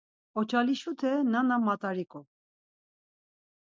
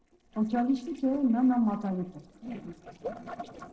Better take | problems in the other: first | noise reduction (neural separator model SepFormer DNS4)

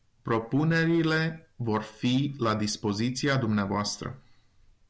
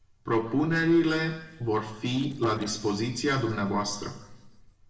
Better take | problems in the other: first | noise reduction (neural separator model SepFormer DNS4)

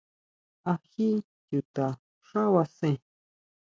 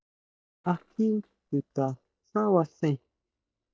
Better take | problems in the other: first | noise reduction (neural mask model DeepFilterNet 3)

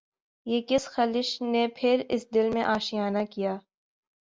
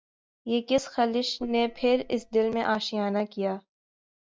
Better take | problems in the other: first | noise reduction (neural mask model DeepFilterNet 3)

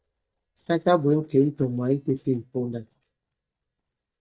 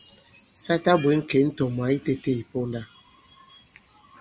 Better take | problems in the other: second | noise reduction (neural mask model DeepFilterNet 3)

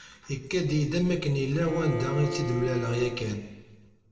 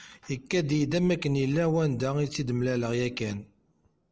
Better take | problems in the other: second | background sound (Bowed string instrument); 8 dB below the speech // room echo; dies away in 1.1 s

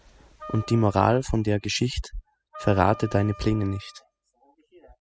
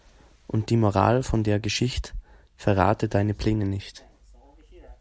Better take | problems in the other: second | noise reduction (classical method spectral subtraction)

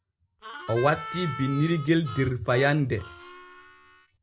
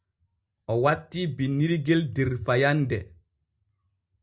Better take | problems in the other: second | background sound (Harmonica); 13 dB below the speech

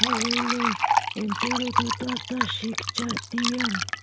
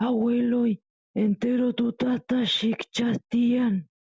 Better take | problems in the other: second | background sound (Fill (with liquid)); 3 dB above the speech

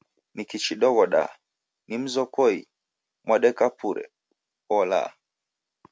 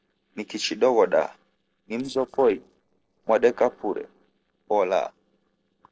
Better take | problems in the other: first | noise reduction (neural separator model SepFormer DNS4)

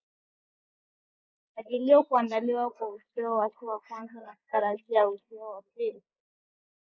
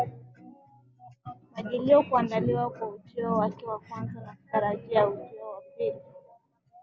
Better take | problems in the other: second | noise reduction (neural mask model Resemble Enhance denoiser)

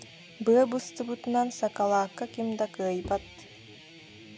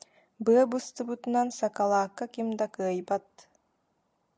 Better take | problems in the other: second | background sound (Guitar + Bowed string instrument); 19 dB below the speech

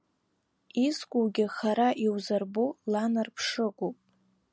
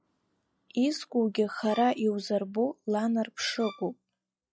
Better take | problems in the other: first | noise reduction (classical method log-MMSE)

